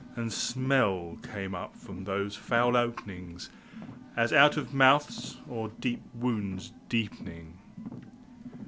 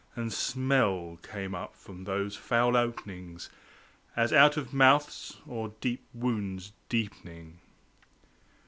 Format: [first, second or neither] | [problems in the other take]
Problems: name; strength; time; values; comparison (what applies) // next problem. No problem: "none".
second | background sound (Car); 15 dB below the speech